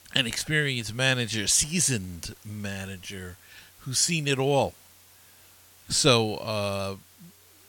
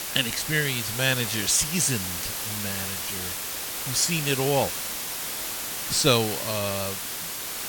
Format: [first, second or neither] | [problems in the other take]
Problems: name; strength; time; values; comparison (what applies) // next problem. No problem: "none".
first | hiss; loud; throughout; 4 dB below the speech; faint in the first